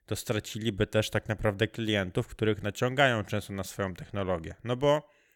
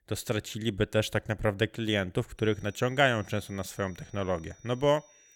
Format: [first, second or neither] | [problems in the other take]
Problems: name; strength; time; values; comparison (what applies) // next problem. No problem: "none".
first | high-pitched whine; faint; from 2.5 s on; 6 kHz, 25 dB below the speech